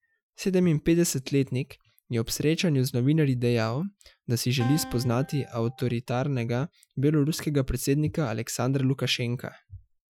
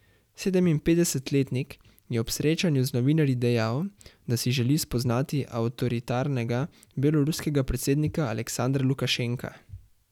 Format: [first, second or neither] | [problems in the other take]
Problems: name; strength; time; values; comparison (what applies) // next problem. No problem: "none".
second | noise reduction (classical method Wiener filter)